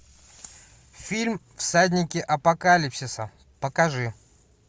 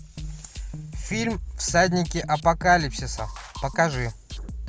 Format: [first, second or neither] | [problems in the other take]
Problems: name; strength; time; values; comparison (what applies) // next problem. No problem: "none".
first | background sound (Drum kit); 9 dB below the speech